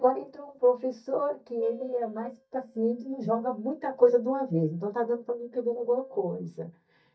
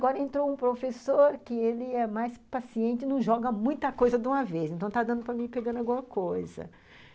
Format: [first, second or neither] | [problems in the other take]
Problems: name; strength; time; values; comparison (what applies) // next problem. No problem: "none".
second | noise reduction (neural mask model DeepFilterNet 3)